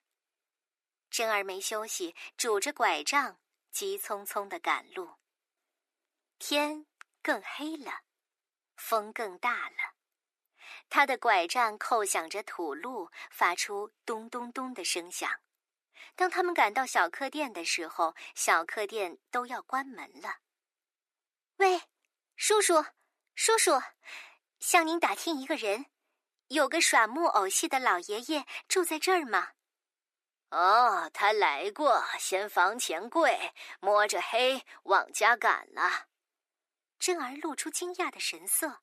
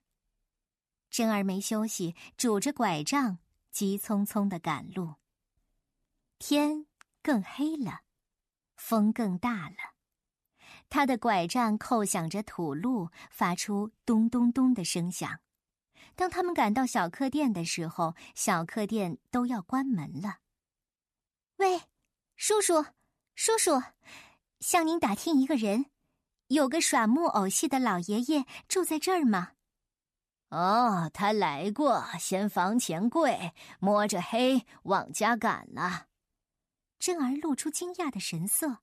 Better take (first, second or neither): second